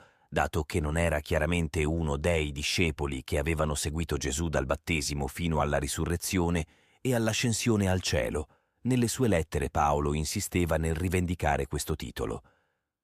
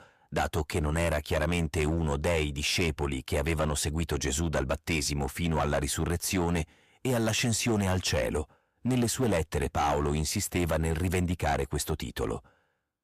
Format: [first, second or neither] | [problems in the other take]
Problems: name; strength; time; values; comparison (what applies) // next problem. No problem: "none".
first | distortion; slight; 8% of the sound clipped